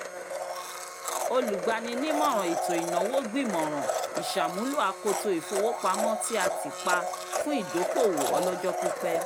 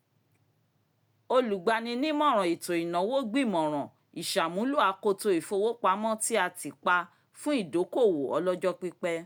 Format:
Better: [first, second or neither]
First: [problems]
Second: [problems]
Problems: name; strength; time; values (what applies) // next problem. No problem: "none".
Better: second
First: background sound (Domestic sounds, home sounds); 1 dB below the speech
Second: none